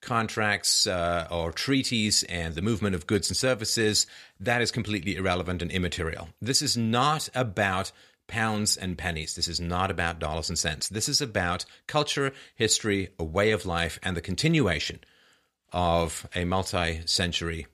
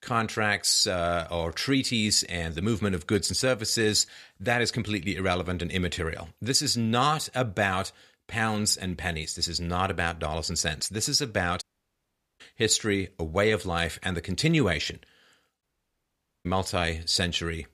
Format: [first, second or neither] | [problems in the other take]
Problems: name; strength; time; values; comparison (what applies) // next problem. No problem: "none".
first | audio cutting out; at 12 s for 1 s and at 16 s for 1 s